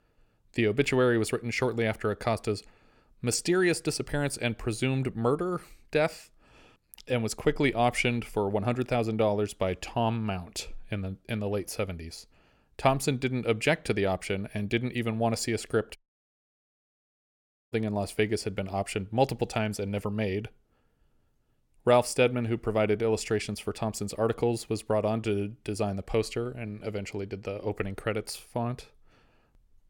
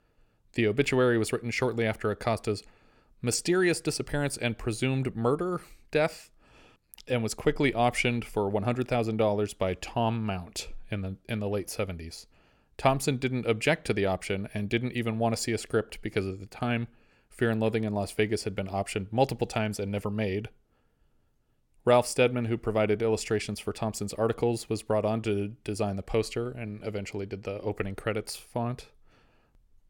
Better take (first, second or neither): second